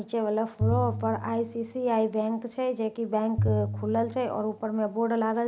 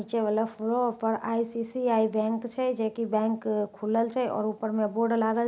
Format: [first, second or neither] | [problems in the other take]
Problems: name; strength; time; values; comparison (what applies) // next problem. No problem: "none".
second | background sound (Piano); 4 dB below the speech